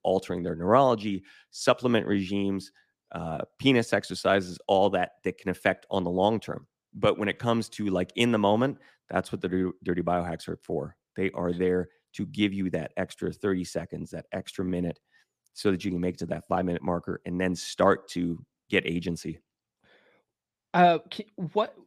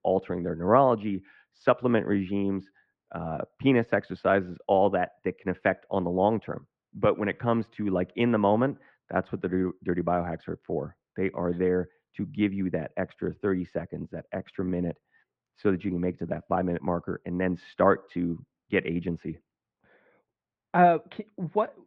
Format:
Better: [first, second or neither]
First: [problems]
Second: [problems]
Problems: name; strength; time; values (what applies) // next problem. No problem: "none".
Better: first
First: none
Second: muffled; very; fading above 2 kHz